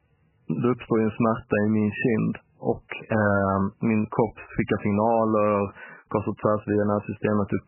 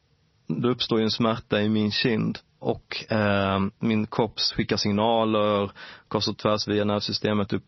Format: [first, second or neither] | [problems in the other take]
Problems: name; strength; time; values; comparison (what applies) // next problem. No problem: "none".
second | garbled, watery; badly; nothing above 3 kHz; slightly in the second